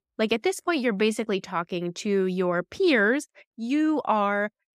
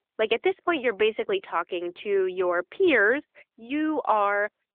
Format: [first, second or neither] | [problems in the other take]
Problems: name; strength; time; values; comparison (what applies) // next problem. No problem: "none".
first | phone-call audio; nothing above 3.5 kHz